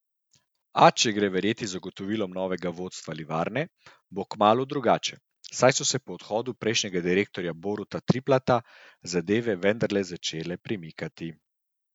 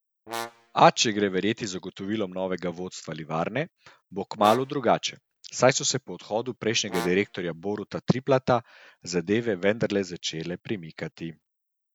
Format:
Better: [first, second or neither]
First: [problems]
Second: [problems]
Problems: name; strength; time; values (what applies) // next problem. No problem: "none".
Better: first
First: none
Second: background sound (Brass instrument); 13 dB below the speech